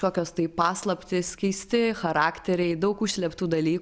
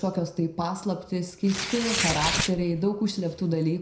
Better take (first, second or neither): first